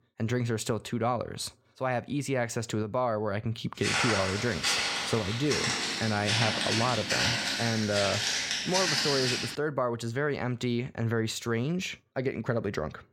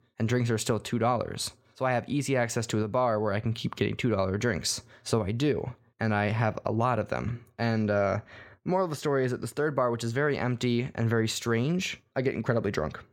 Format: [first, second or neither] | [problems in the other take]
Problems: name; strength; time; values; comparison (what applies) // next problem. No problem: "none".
second | footsteps; loud; from 4 to 9.5 s; peak 5 dB above the speech